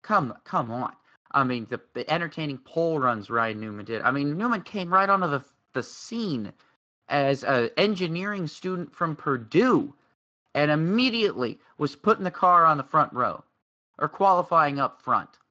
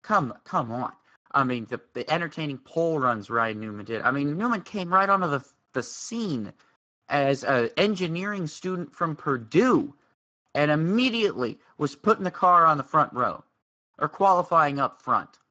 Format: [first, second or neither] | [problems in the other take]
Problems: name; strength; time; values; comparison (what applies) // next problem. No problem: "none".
first | garbled, watery; badly; nothing above 7.5 kHz; slightly in the first